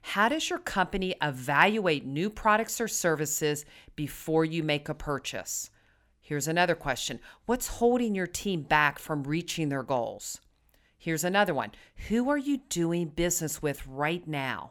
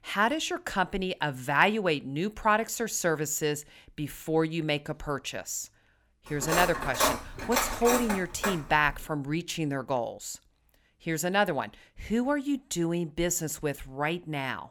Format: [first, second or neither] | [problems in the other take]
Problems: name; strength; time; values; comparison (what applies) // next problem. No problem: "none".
first | clattering dishes; loud; from 6.5 to 9 s; peak 2 dB above the speech